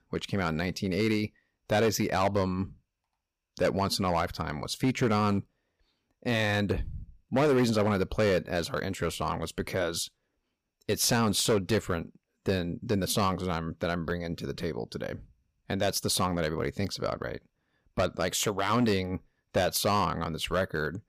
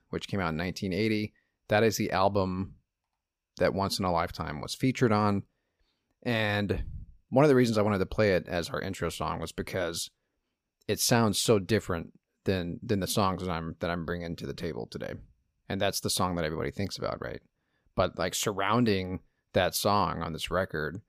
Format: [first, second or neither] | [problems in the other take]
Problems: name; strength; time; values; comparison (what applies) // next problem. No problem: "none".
second | distortion; slight; 5% of the sound clipped